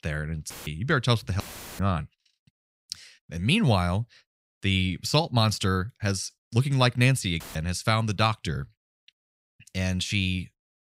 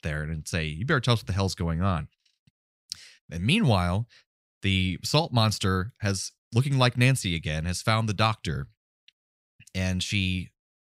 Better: second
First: audio cutting out; filled with static; at 0.5 s, at 1.5 s and at 7.5 s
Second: none

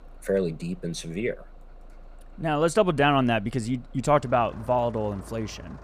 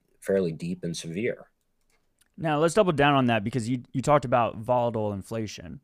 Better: second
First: traffic noise; faint; throughout; 25 dB below the speech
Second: none

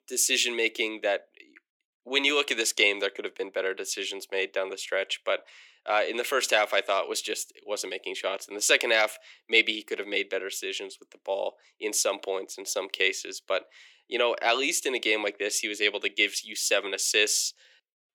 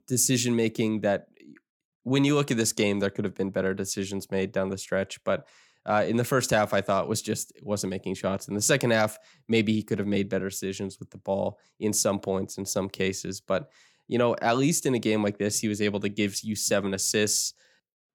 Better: second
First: thin; very; fading below 350 Hz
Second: none

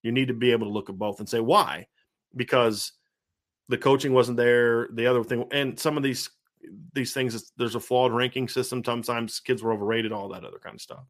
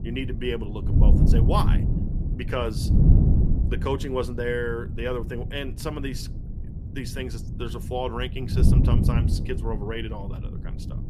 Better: first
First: none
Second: wind noise on the microphone; heavy; 6 dB below the speech

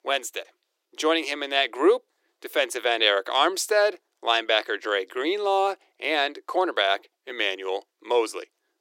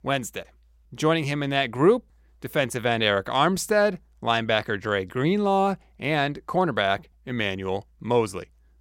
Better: second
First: thin; very; fading below 300 Hz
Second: none

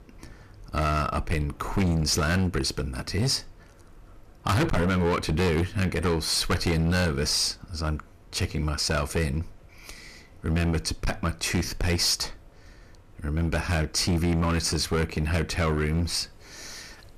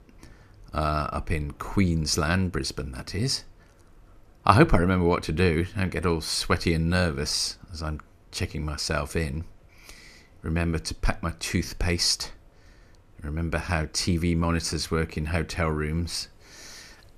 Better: second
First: distortion; heavy; 12% of the sound clipped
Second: none

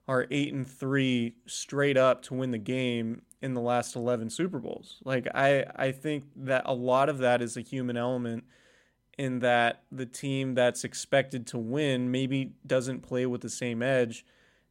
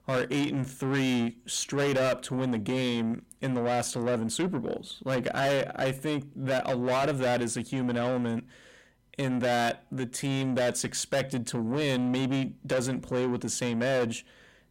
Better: first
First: none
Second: distortion; heavy; 6 dB below the speech

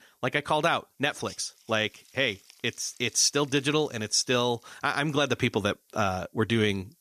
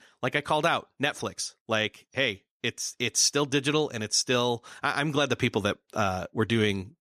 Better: second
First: hiss; faint; throughout; 25 dB below the speech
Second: none

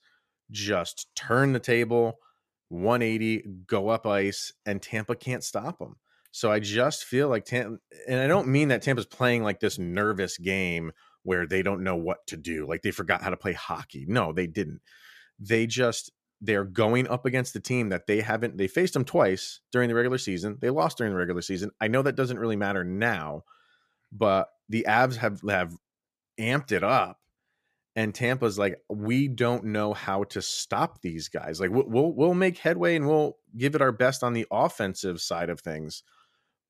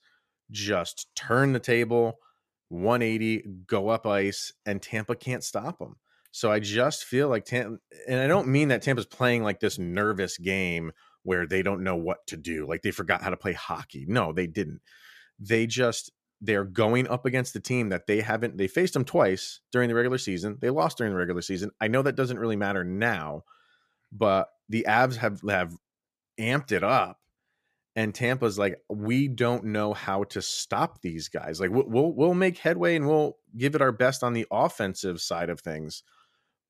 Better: neither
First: none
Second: none

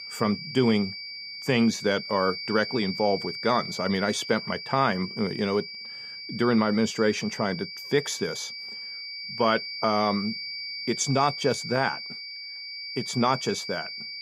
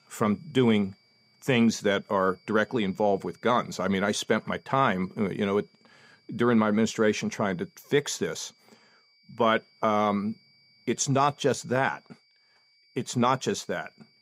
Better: second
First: high-pitched whine; loud; throughout; 4.5 kHz, 8 dB below the speech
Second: high-pitched whine; faint; throughout; 4.5 kHz, 35 dB below the speech

